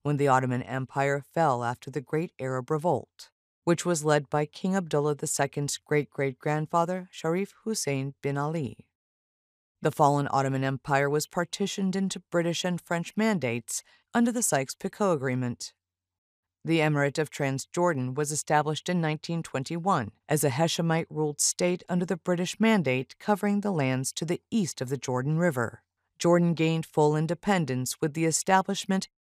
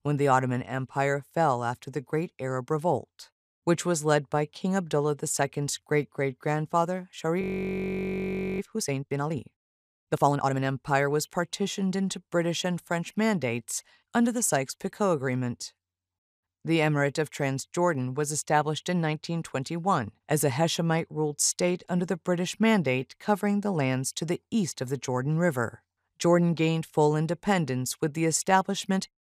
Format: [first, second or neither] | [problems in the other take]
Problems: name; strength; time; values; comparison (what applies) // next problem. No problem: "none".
first | audio freezing; at 7.5 s for 1 s